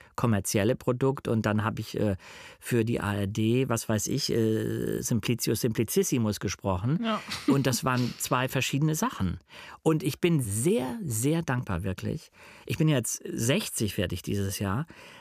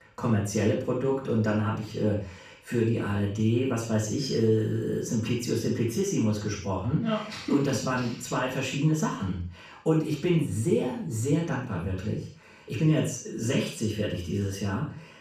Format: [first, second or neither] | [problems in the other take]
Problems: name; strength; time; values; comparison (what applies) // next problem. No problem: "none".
first | room echo; strong; dies away in 0.4 s // off-mic speech; far